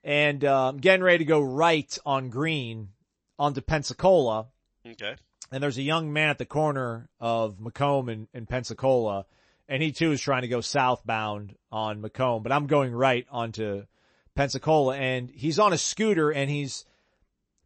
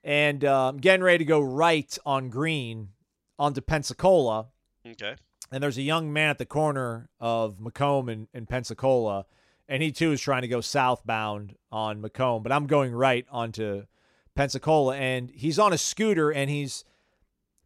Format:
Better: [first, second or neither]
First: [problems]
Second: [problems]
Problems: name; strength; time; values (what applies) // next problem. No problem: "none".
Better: second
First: garbled, watery; slightly; nothing above 8 kHz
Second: none